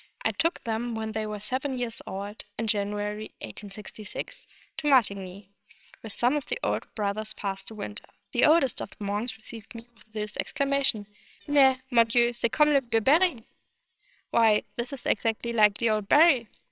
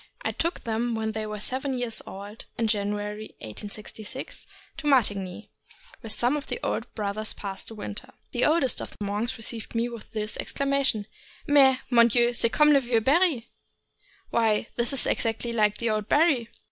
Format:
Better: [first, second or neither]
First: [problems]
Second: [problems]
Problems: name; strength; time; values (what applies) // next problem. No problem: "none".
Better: second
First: noise reduction (neural separator model SepFormer WHAMR!)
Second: none